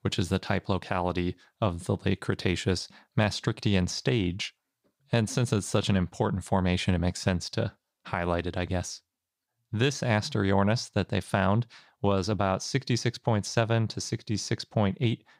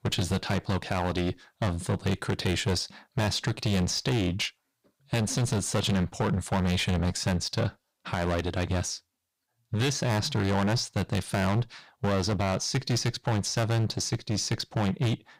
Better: first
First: none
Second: distortion; heavy; 15% of the sound clipped

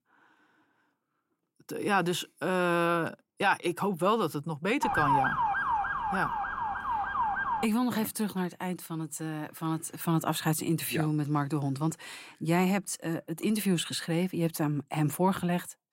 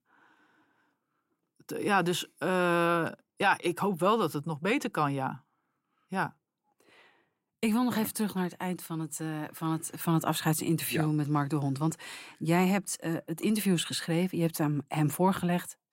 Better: second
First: siren; loud; from 5 to 7.5 s; peak 4 dB above the speech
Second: none

